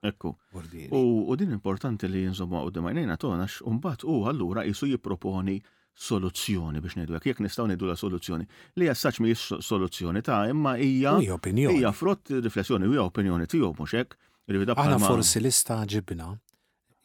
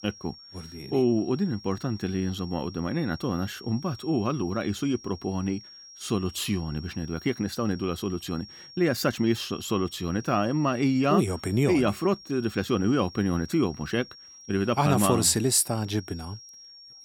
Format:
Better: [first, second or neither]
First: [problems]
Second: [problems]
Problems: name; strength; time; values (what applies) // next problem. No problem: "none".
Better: first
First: none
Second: high-pitched whine; noticeable; throughout; 5.5 kHz, 20 dB below the speech